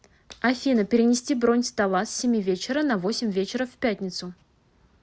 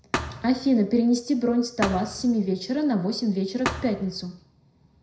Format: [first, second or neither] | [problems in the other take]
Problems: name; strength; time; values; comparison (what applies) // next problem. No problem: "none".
first | background sound (Thump, thud); 10 dB below the speech // room echo; dies away in 0.4 s